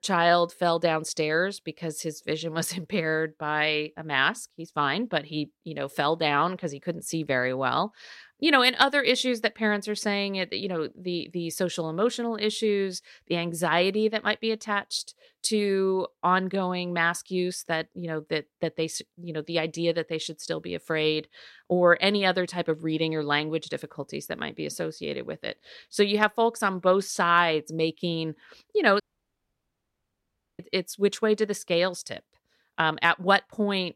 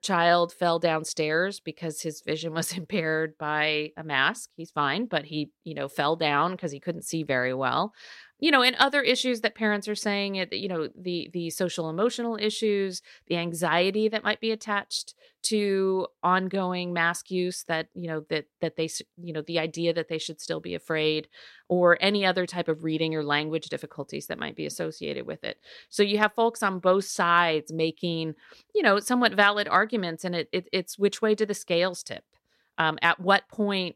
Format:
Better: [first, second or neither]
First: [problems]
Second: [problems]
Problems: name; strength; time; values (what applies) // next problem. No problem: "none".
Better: second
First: audio cutting out; at 29 s for 1.5 s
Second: none